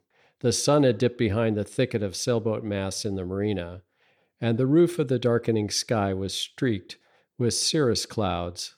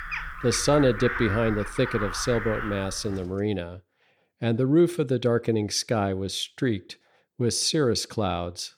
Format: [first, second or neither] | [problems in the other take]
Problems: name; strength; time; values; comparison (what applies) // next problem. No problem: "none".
first | animal sounds; loud; until 3 s; 8 dB below the speech